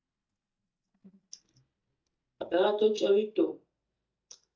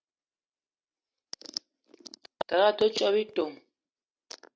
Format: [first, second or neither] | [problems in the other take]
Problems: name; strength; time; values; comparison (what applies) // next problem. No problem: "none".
second | noise reduction (neural mask model DeepFilterNet 3)